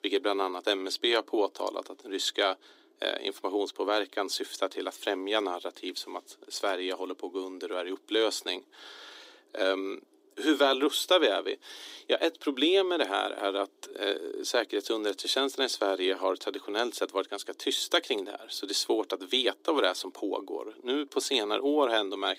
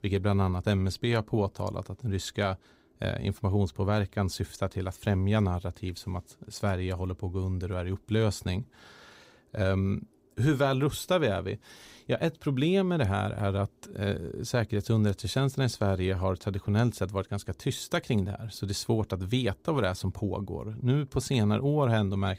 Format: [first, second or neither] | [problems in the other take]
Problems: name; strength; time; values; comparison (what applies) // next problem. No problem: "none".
second | thin; somewhat; fading below 300 Hz